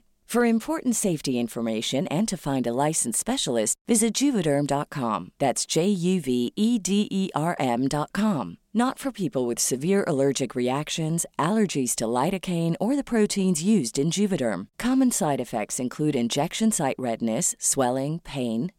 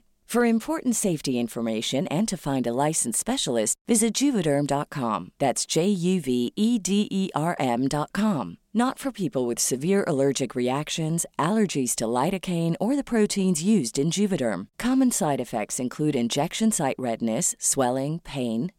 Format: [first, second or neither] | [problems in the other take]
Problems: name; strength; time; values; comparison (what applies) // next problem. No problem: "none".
neither | none